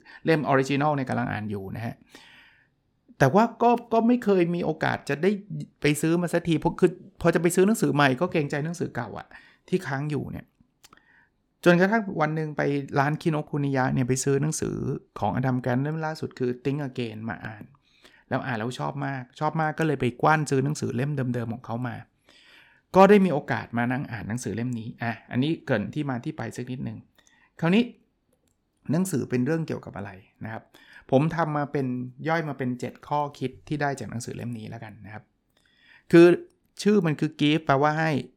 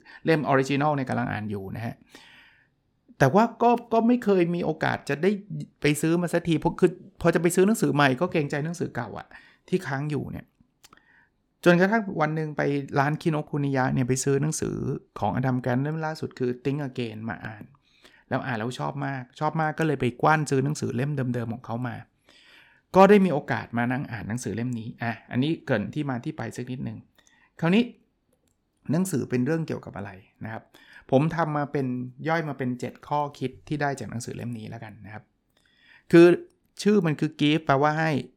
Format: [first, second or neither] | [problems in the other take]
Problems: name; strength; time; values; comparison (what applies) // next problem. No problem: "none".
neither | none